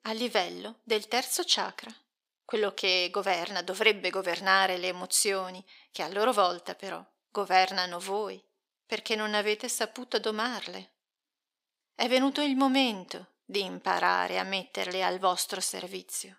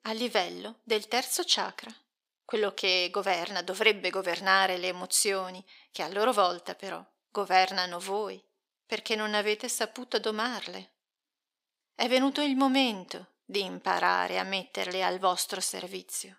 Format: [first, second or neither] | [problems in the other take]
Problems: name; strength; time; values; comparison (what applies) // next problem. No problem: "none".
neither | thin; somewhat; fading below 450 Hz; the same in both